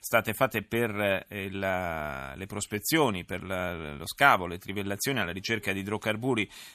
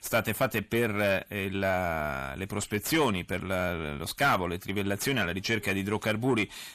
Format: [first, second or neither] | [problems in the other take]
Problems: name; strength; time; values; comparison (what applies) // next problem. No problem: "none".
first | distortion; heavy; 8 dB below the speech